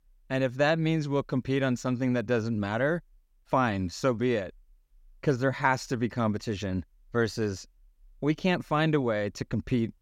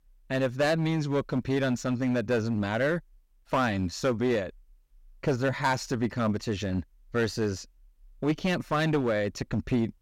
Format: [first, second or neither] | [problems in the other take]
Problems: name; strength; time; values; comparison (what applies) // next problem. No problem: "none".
first | distortion; slight; 6% of the sound clipped